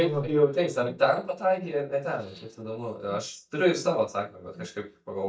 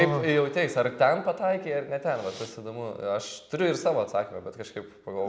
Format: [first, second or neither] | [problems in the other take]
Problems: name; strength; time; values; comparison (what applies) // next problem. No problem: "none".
second | noise reduction (neural mask model DeepFilterNet 3)